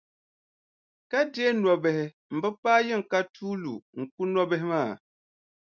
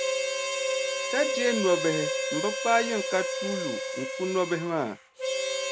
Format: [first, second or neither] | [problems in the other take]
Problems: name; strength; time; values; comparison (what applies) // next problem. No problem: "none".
first | background sound (Harmonica); 1 dB below the speech